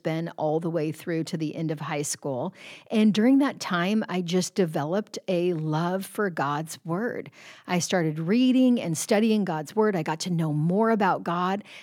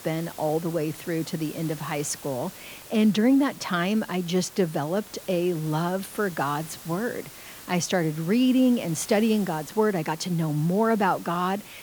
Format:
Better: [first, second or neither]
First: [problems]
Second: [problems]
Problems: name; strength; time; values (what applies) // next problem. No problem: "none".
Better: first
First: none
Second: hiss; noticeable; throughout; 15 dB below the speech